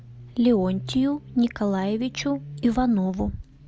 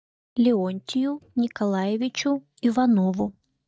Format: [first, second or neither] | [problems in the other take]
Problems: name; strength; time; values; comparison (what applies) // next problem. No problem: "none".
first | noise reduction (neural mask model DeepFilterNet 3)